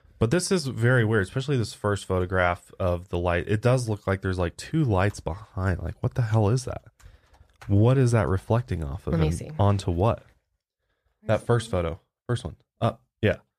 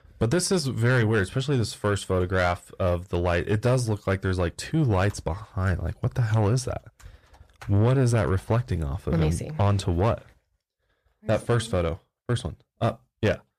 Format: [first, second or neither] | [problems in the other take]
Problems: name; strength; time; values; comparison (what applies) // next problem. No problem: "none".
first | distortion; slight; 10 dB below the speech